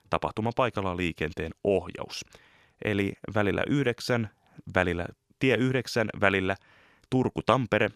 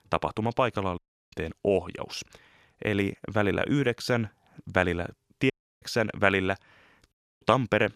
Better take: first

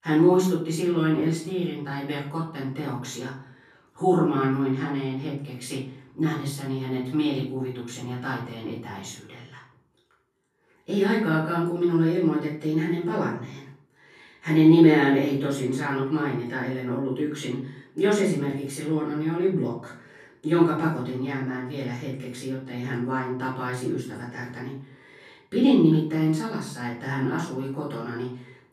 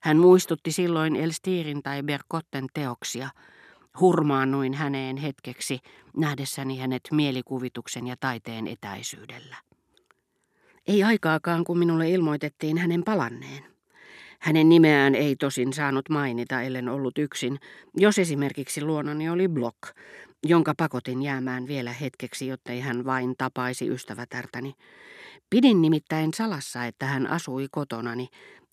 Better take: second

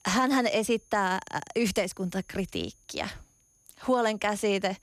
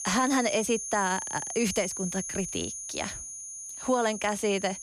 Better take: first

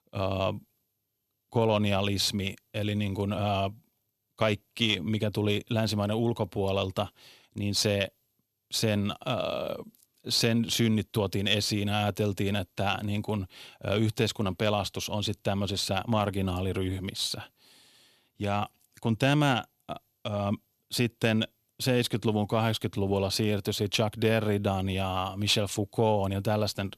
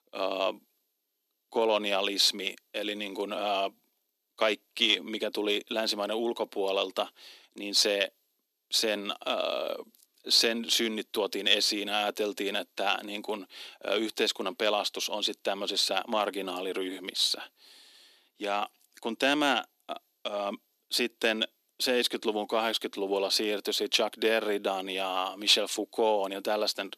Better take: first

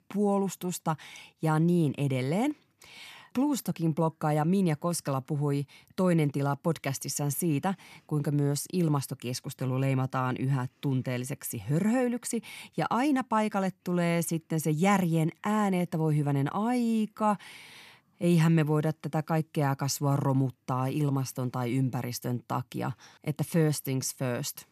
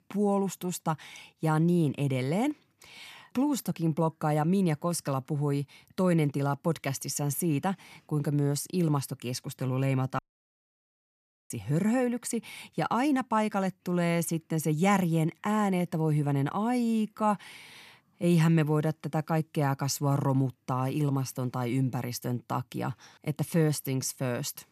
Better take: first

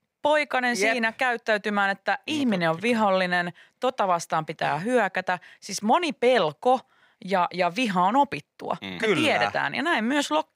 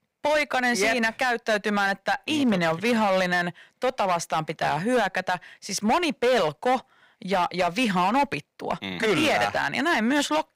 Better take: first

